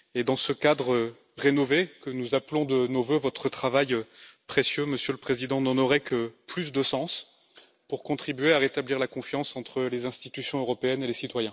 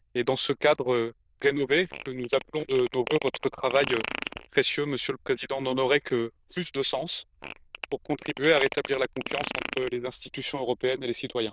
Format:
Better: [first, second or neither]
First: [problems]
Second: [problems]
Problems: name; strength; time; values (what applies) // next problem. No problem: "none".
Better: first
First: none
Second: noise reduction (neural diffusion model UNIVERSE++)